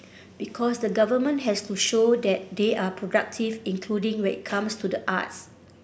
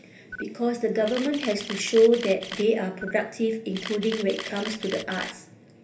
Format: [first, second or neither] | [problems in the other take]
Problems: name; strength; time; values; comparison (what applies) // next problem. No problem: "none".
first | background sound (Camera); 13 dB below the speech // room echo; dies away in 0.3 s